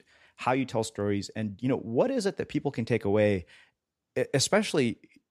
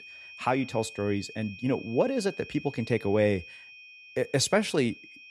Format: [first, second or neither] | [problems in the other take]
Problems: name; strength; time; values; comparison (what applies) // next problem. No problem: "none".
first | high-pitched whine; noticeable; throughout; 2.5 kHz, 15 dB below the speech